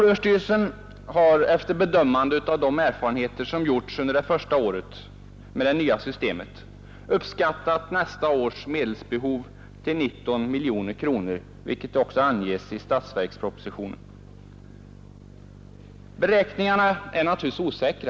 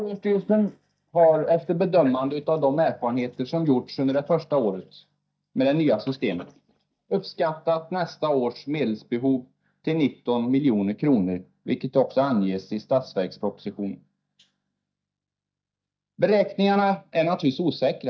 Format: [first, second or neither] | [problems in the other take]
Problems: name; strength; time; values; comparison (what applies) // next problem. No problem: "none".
first | noise reduction (neural mask model DeepFilterNet 3)